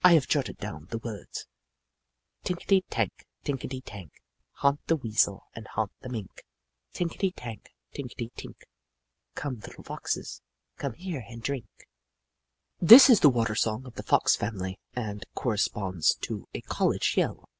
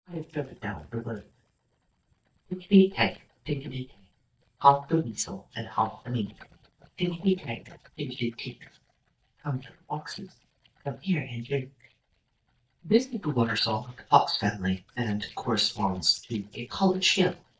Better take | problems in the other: first | noise reduction (neural mask model DeepFilterNet 3)

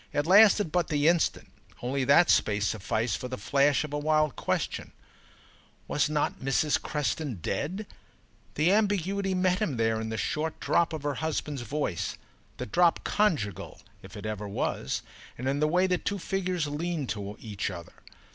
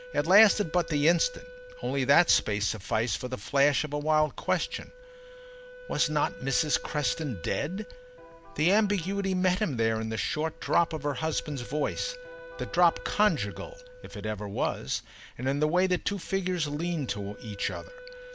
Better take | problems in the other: first | background sound (Wind instrument, woodwind instrument + Electric guitar); 18 dB below the speech

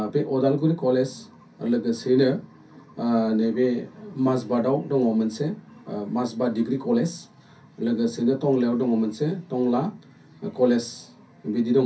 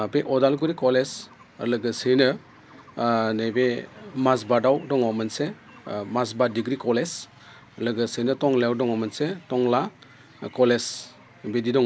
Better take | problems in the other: second | room echo; dies away in 0.3 s

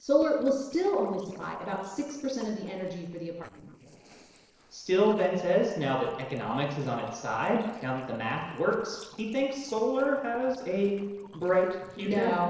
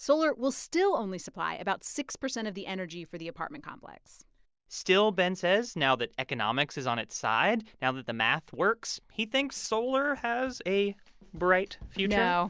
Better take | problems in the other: second | noise reduction (neural separator model SepFormer DNS4)

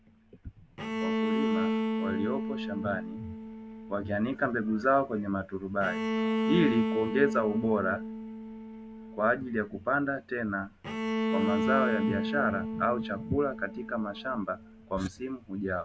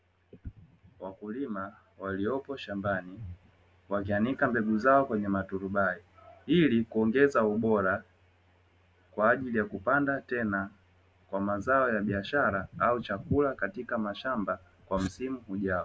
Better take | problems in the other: second | background sound (Bowed string instrument); 2 dB below the speech

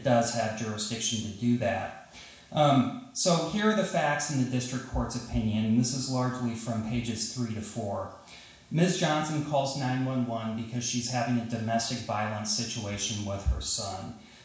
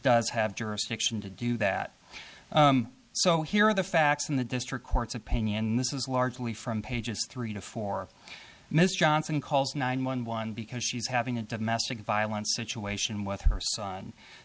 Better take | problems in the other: second | room echo; dies away in 0.7 s

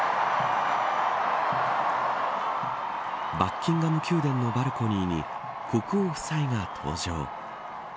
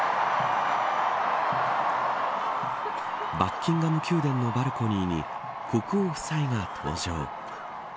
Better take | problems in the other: first | background sound (Cough); 18 dB below the speech

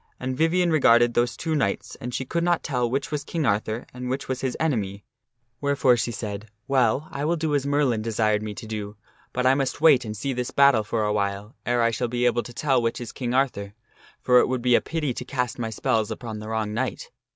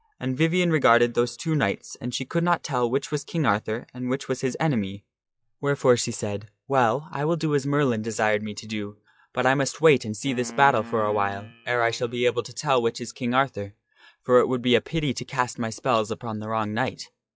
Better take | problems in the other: first | noise reduction (classical method log-MMSE)

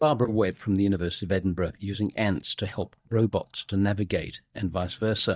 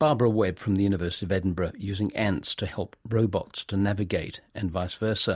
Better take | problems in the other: second | noise reduction (neural mask model DeepFilterNet 3)

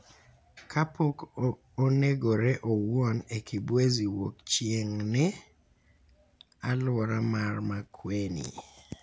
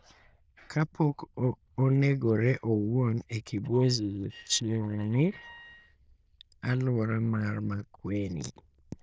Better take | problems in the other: first | noise reduction (neural diffusion model UNIVERSE++)

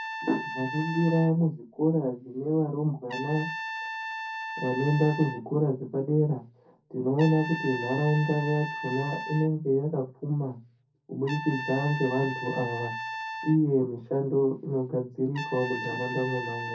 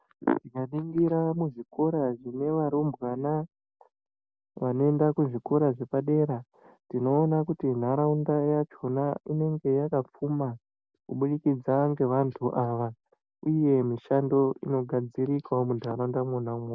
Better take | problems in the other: second | background sound (Trumpet); 10 dB below the speech // room echo; dies away in 0.3 s

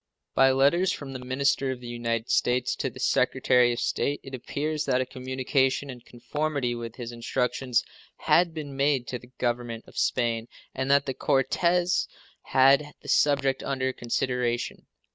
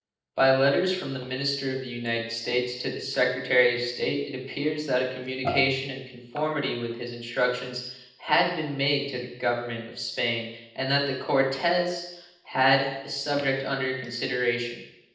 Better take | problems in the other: first | noise reduction (neural separator model SepFormer DNS4)

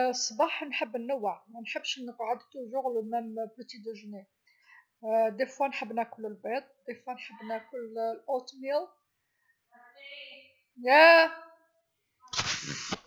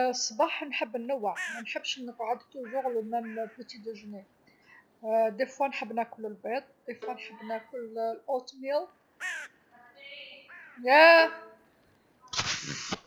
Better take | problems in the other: first | background sound (Bird + Bowed string instrument); 18 dB below the speech

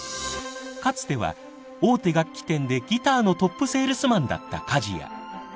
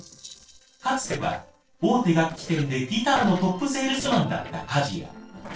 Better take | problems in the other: first | noise reduction (neural separator model SepFormer DNS4)

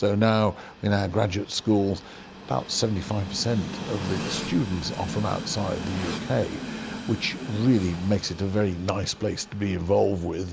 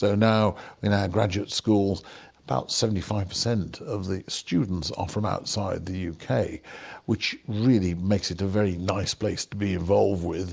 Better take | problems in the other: second | background sound (Train); 11 dB below the speech

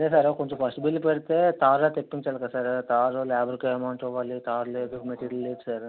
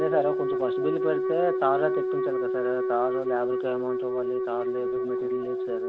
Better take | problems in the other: first | background sound (Wind instrument, woodwind instrument); 3 dB above the speech

